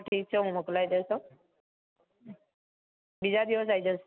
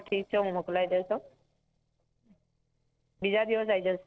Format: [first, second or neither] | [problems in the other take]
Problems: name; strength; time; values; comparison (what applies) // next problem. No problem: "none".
first | noise reduction (neural separator model SepFormer DNS4)